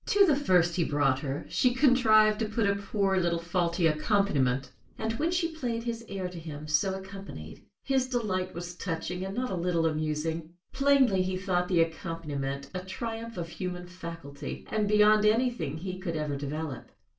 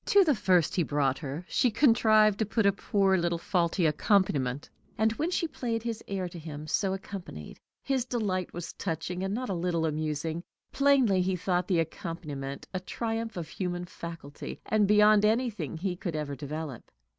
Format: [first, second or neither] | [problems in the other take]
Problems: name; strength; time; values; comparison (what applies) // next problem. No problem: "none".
second | room echo; dies away in 0.3 s